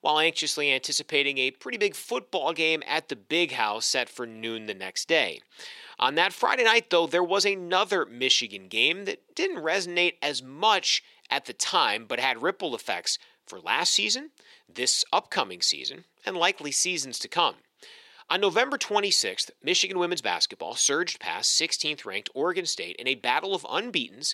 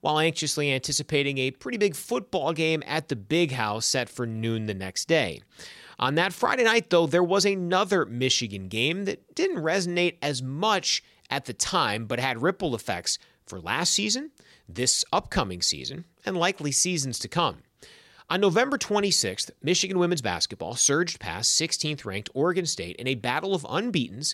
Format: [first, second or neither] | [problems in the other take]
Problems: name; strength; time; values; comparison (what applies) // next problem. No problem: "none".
second | thin; somewhat; fading below 350 Hz